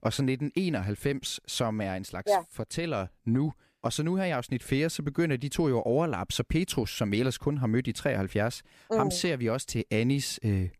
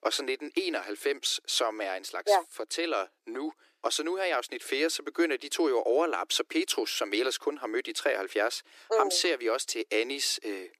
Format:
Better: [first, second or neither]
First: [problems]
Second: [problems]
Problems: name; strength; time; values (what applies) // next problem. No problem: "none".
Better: first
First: none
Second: thin; very; fading below 300 Hz